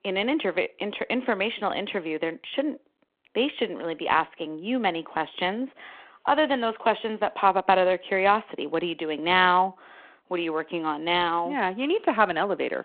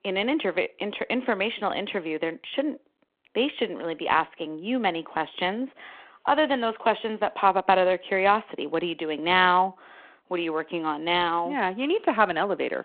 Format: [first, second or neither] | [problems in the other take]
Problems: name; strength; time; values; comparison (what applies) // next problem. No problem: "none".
neither | phone-call audio; the same in both